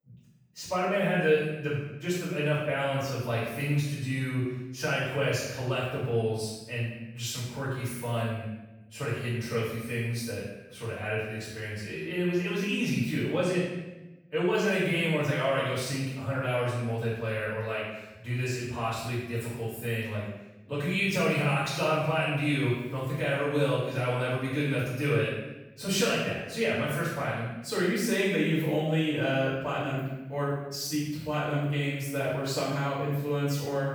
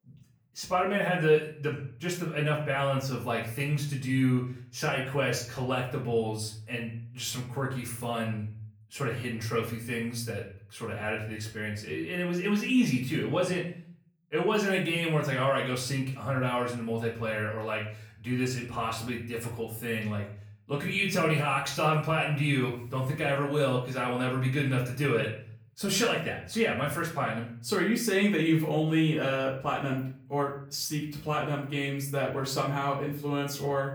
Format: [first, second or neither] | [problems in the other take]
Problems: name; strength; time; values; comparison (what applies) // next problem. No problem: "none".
second | room echo; strong; dies away in 0.9 s; slight in the second // off-mic speech; far; far in the second